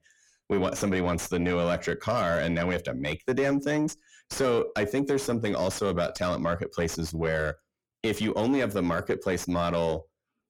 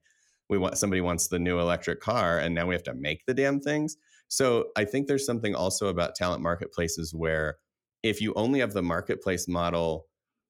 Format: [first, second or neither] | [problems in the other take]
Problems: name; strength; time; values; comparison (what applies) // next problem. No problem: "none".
second | distortion; slight; 10 dB below the speech